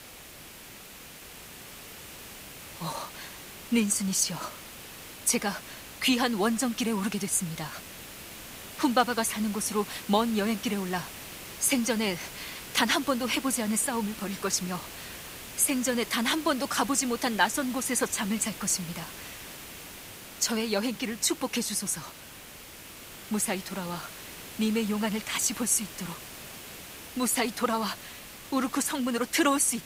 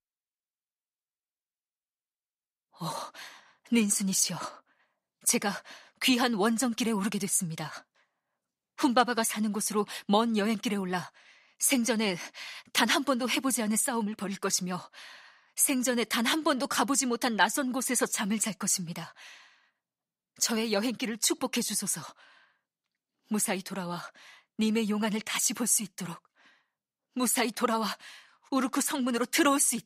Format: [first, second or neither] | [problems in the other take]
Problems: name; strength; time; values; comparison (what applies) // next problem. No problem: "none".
second | hiss; noticeable; throughout; 15 dB below the speech